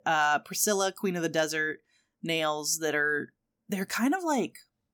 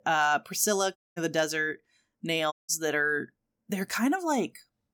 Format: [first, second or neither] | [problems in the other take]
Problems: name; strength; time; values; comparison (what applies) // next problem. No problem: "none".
first | audio cutting out; at 1 s and at 2.5 s